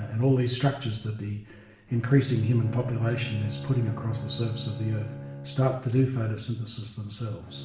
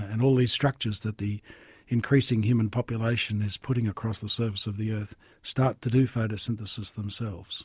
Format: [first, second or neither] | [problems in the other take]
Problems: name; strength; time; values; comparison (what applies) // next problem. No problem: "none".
second | background sound (Bowed string instrument); 12 dB below the speech // room echo; dies away in 0.8 s